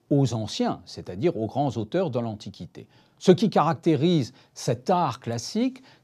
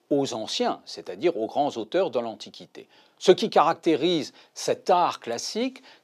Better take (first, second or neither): first